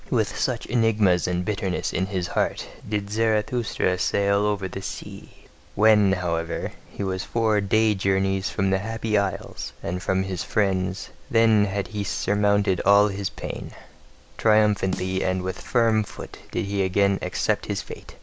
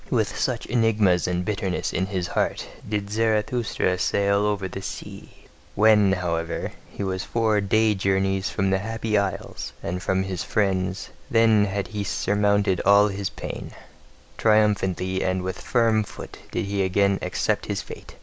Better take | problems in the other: second | background sound (Snare drum); 17 dB below the speech

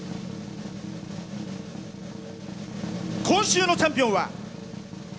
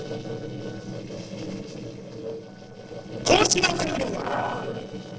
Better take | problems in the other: first | noise reduction (neural separator model SepFormer DNS4)

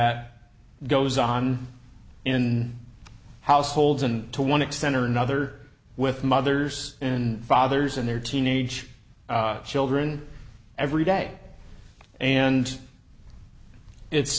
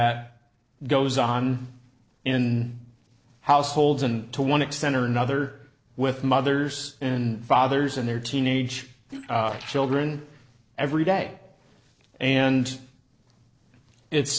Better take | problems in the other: first | noise reduction (neural separator model SepFormer DNS4)

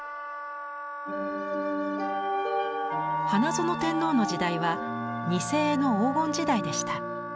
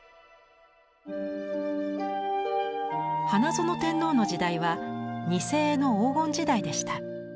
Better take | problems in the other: second | background sound (Wind instrument, woodwind instrument); 9 dB below the speech

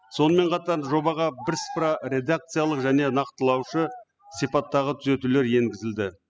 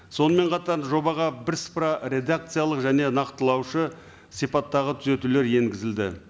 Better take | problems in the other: second | noise reduction (classical method spectral subtraction)

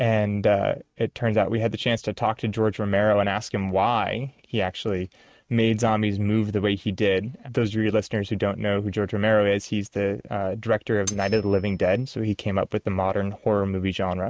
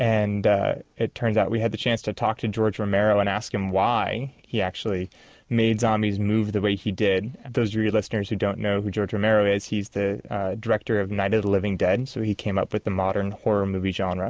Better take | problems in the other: second | noise reduction (neural mask model RNNoise)

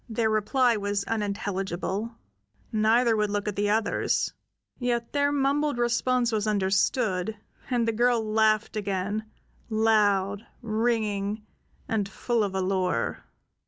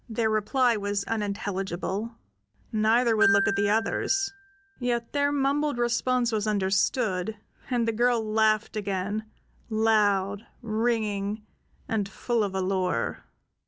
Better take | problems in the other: first | background sound (Glockenspiel); 7 dB below the speech

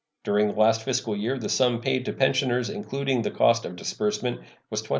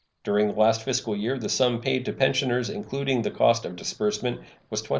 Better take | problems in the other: first | noise reduction (neural separator model SepFormer DNS4)

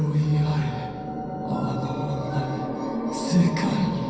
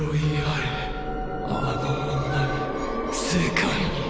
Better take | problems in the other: second | room echo; dies away in 0.6 s

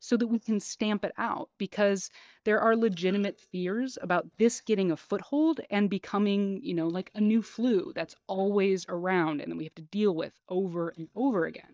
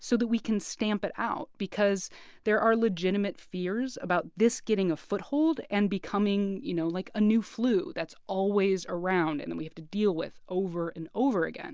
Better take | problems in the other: second | noise reduction (neural mask model DeepFilterNet 3)

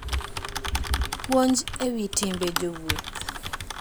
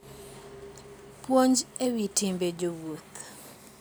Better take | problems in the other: second | background sound (Typing); 2 dB below the speech

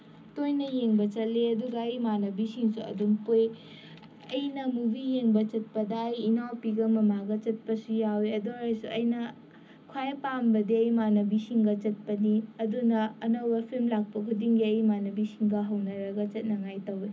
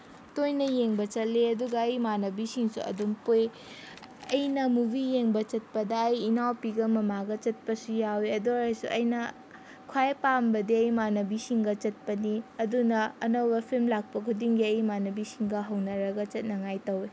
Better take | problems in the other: second | room echo; dies away in 0.4 s

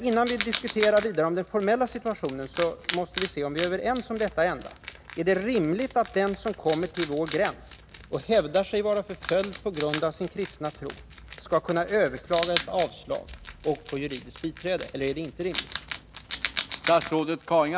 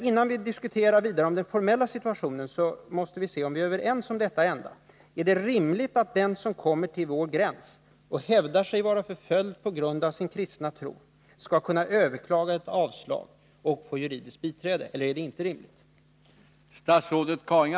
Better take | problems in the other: second | background sound (Wild animals); 11 dB below the speech

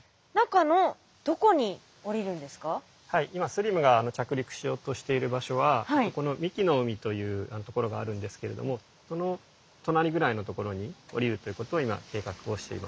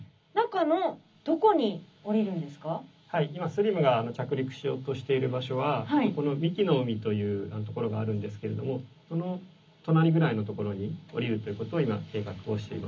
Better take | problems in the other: first | room echo; dies away in 0.4 s

